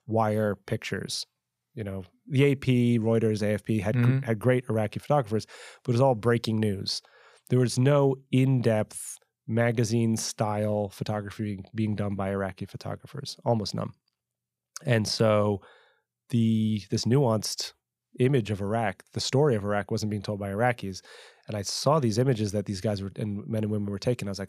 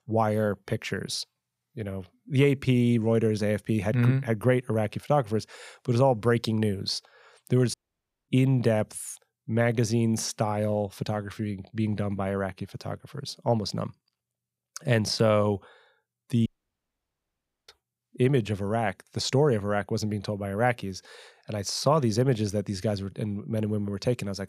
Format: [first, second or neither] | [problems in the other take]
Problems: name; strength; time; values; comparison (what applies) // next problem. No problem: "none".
first | audio cutting out; at 7.5 s for 0.5 s and at 16 s for 1 s